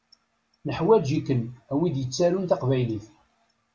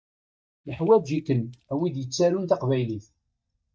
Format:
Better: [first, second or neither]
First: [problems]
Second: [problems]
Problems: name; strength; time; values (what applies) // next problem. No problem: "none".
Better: first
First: none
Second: noise reduction (neural mask model DeepFilterNet 3)